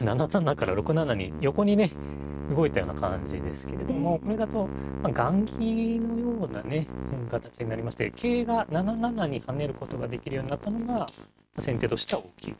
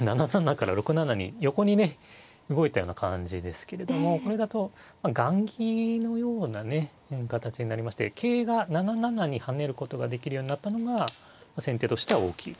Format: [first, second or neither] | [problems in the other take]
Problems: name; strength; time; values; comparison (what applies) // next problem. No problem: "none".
second | noise reduction (neural mask model RNNoise)